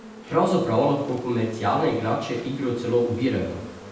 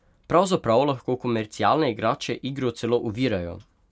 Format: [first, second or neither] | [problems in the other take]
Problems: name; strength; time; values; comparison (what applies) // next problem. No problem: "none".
second | background sound (Insect); 17 dB below the speech // room echo; dies away in 0.8 s